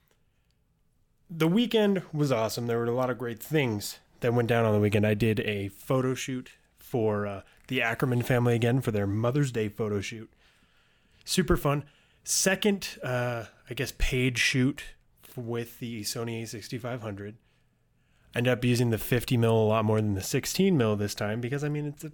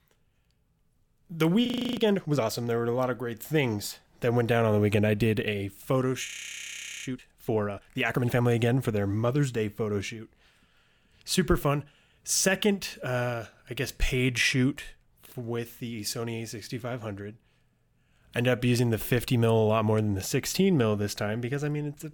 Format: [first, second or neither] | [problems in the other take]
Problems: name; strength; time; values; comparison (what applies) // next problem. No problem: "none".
first | audio freezing; at 1.5 s and at 6.5 s for 1 s